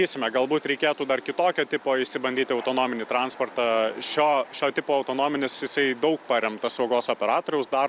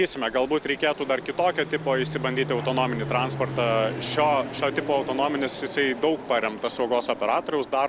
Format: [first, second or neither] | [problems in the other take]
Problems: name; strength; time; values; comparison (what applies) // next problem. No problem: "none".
first | background sound (Fixed-wing aircraft, airplane); 10 dB below the speech